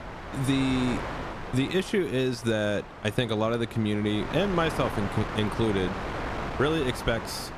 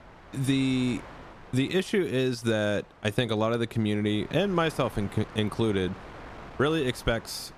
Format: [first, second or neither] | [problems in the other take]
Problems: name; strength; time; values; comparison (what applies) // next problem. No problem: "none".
second | wind noise on the microphone; heavy; 6 dB below the speech; occasional gusts in the second